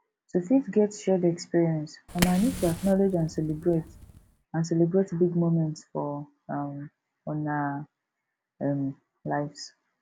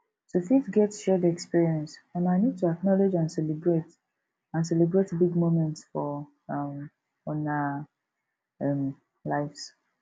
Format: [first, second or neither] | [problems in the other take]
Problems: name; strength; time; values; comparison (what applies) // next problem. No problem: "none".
second | background sound (Fire); 9 dB below the speech